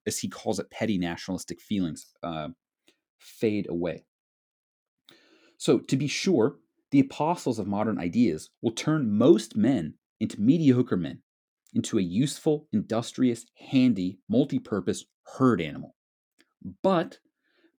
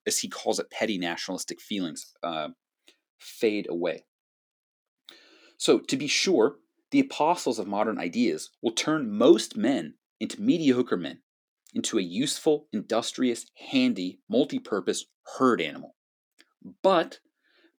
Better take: first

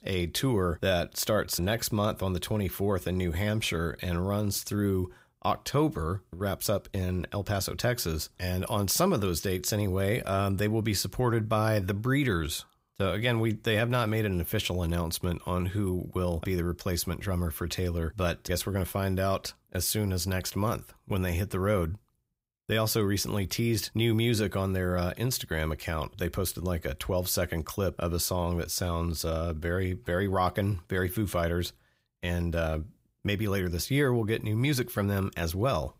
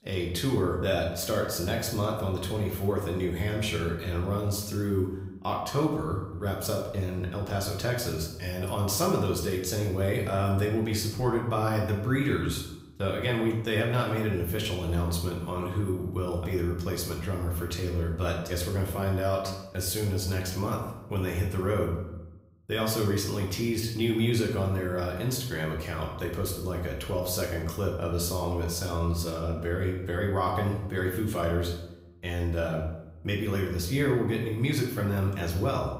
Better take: first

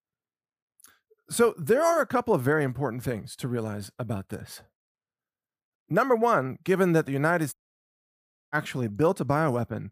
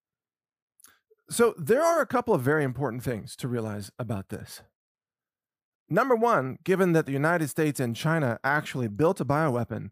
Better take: second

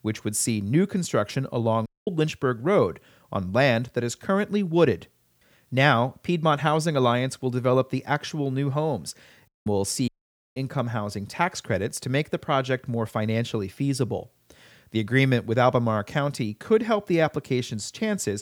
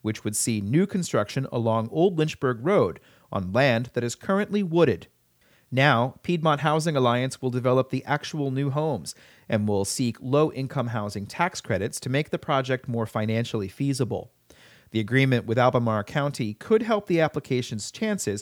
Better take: second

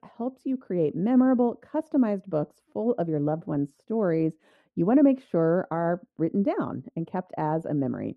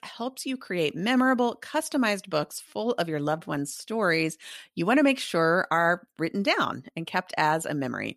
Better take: second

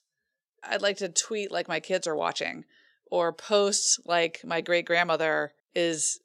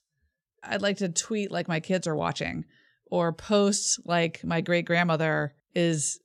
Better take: second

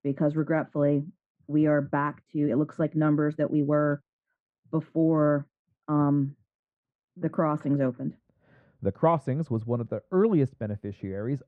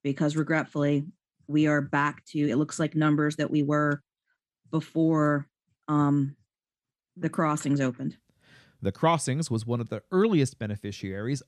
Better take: second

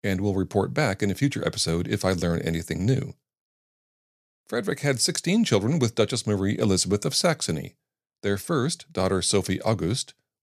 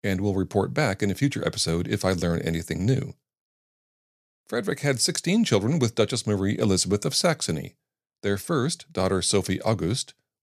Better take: neither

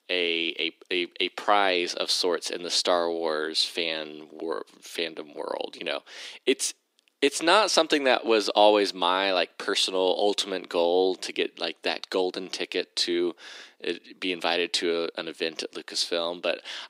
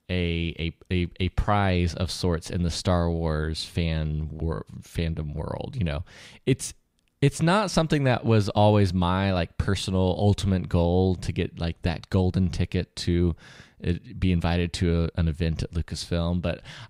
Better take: second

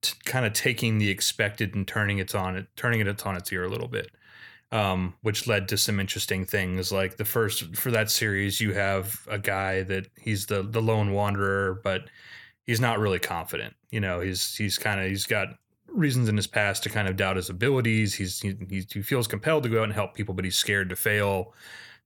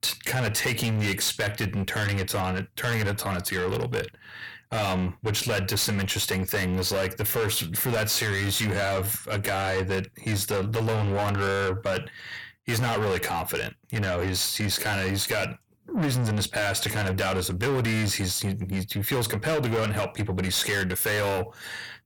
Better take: first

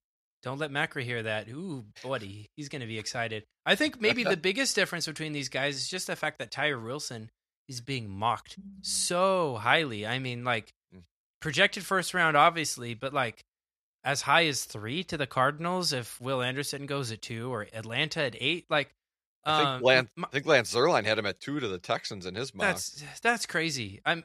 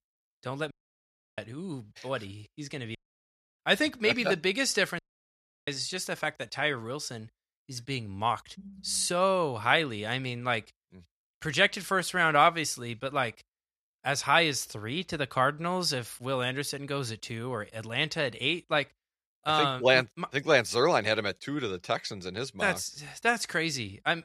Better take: first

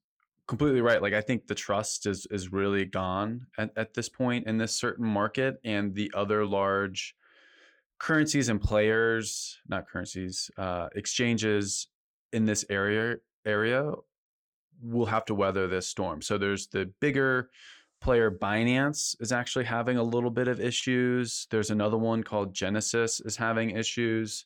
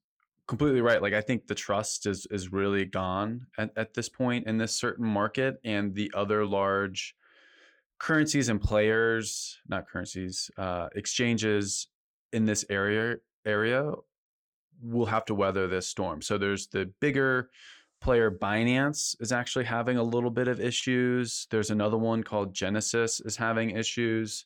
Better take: neither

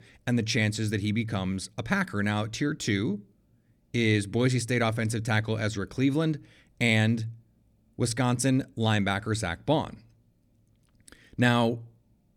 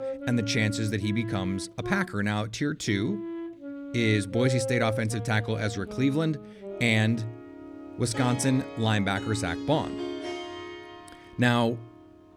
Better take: first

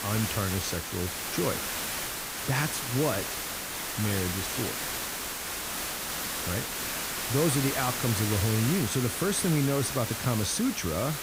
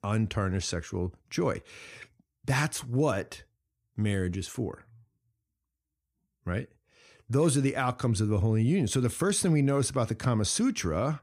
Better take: second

